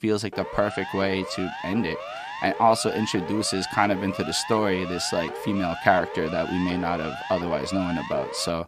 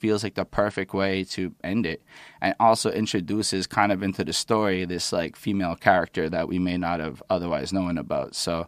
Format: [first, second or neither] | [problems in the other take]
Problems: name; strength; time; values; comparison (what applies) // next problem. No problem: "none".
second | siren; noticeable; peak 8 dB below the speech